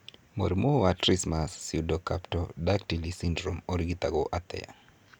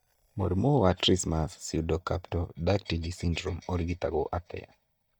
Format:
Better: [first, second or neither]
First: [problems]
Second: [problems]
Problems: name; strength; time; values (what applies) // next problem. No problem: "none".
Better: first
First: none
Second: noise reduction (neural mask model DeepFilterNet 3)